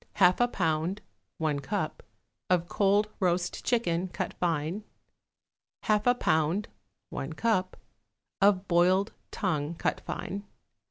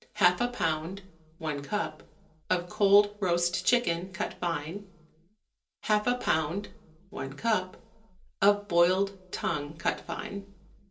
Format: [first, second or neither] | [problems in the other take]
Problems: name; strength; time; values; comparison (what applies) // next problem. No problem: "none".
first | room echo; dies away in 0.3 s